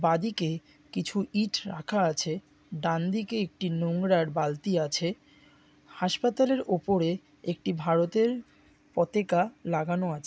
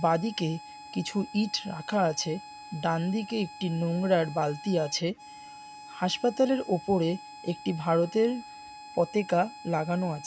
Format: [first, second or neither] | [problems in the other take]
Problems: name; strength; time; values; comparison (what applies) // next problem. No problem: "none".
first | background sound (Harmonica); 17 dB below the speech